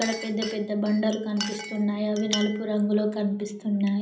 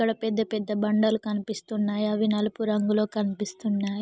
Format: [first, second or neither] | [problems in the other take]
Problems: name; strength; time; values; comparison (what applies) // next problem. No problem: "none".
second | background sound (Chink, clink); 12 dB below the speech // room echo; dies away in 0.5 s